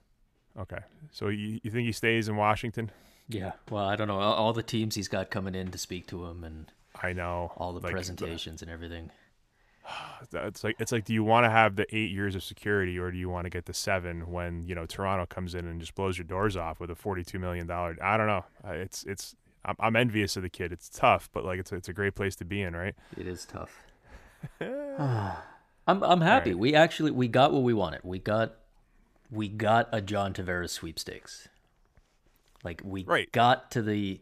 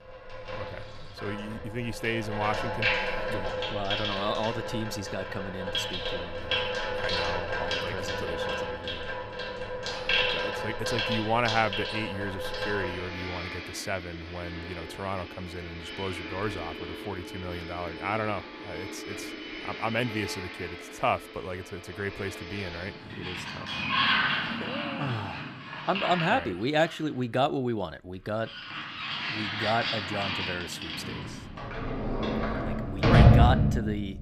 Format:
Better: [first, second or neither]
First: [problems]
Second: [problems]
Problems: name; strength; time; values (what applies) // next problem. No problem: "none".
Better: first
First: none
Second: household noises; very loud; throughout; 2 dB above the speech